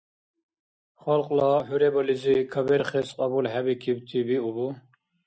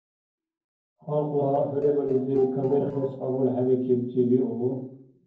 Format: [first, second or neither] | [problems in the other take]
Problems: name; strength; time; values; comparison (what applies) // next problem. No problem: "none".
first | noise reduction (neural separator model SepFormer DNS4)